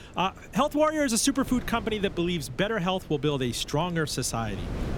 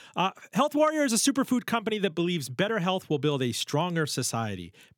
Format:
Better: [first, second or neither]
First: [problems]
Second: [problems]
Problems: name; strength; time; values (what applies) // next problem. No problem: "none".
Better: second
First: wind noise on the microphone; occasional gusts; 20 dB below the speech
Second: none